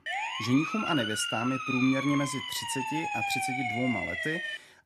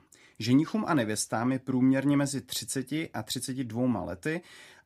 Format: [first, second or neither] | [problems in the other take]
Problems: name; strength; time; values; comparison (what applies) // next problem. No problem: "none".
second | siren; loud; peak 2 dB above the speech